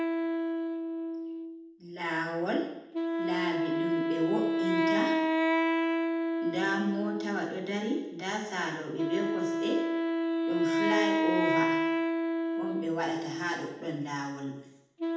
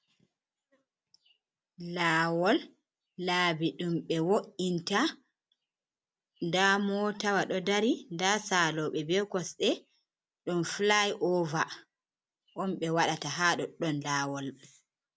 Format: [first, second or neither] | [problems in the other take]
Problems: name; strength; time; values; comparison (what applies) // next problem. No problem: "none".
second | background sound (Wind instrument, woodwind instrument); 4 dB above the speech // room echo; dies away in 0.8 s